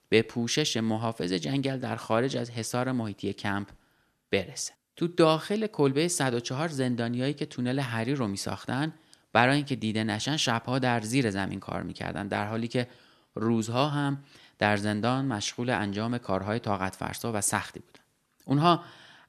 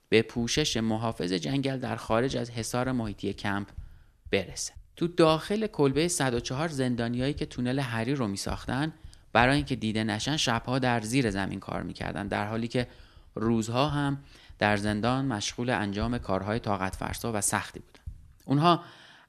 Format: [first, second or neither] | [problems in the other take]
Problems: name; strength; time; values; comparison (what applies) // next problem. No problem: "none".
first | household noises; faint; throughout; 20 dB below the speech